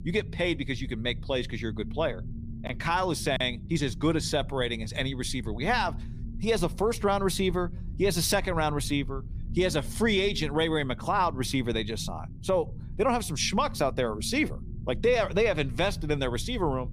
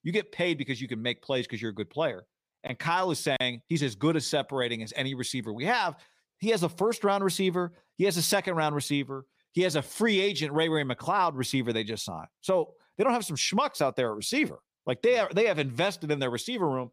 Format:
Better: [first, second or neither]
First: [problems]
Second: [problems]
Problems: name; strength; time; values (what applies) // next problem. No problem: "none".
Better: second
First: low rumble; faint; throughout; 20 dB below the speech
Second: none